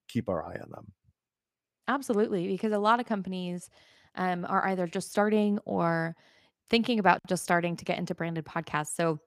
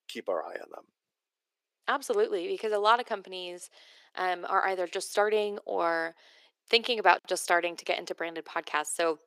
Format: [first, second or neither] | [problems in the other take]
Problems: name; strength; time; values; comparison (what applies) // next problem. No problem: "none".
first | thin; very; fading below 400 Hz